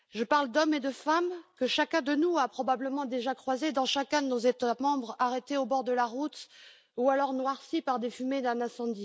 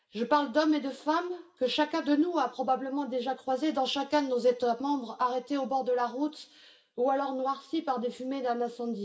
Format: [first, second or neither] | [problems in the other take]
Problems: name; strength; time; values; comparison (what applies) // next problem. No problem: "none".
first | room echo; dies away in 0.4 s